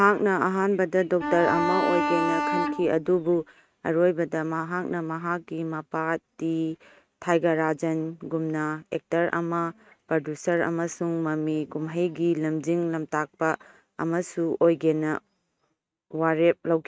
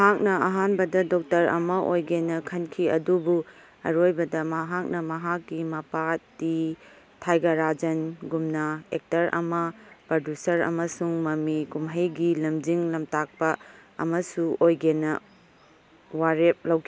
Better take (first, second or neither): second